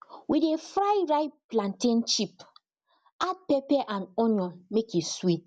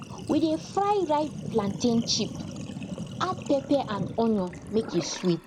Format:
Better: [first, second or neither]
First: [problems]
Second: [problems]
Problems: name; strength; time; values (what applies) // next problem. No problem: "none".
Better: first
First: none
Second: background sound (Sink (filling or washing)); 10 dB below the speech